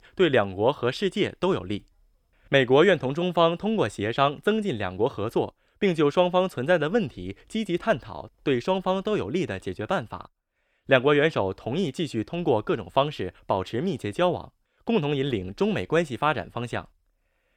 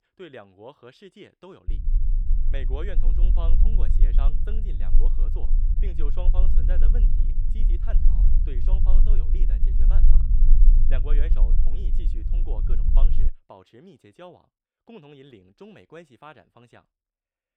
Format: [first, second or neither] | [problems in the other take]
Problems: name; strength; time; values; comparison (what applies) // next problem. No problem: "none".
first | low rumble; loud; from 1.5 to 13 s; 4 dB below the speech